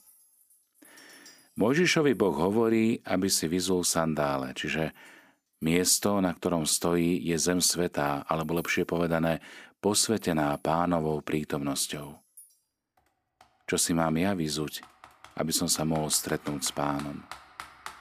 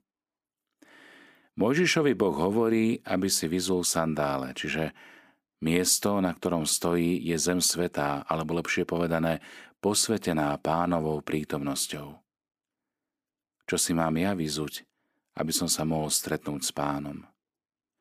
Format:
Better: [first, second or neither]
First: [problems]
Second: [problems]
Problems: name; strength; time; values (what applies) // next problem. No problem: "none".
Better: second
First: household noises; faint; throughout; 25 dB below the speech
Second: none